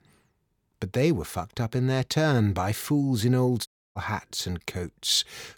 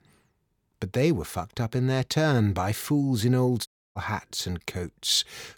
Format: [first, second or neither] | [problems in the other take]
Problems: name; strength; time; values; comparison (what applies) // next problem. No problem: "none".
neither | audio cutting out; at 3.5 s; the same in both